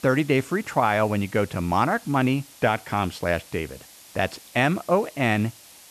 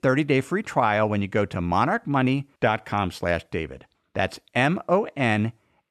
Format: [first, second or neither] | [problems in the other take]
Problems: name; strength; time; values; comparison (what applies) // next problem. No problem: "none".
second | hiss; faint; throughout; 20 dB below the speech